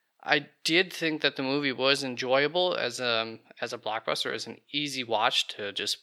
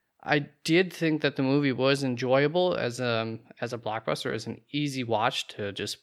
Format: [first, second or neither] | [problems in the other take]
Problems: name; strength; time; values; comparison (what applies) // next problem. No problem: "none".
second | thin; very slightly; fading below 1 kHz